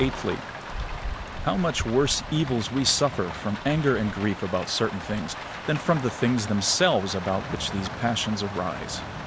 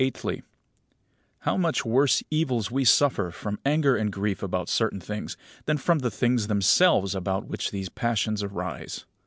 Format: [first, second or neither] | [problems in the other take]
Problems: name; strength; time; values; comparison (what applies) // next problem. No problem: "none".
second | background sound (Rain); 8 dB below the speech